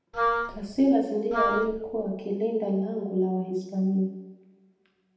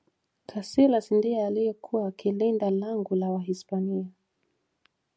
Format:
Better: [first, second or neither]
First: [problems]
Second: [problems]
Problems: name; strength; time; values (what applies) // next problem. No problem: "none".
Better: second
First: background sound (Wind instrument, woodwind instrument); 2 dB below the speech // room echo; dies away in 0.9 s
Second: none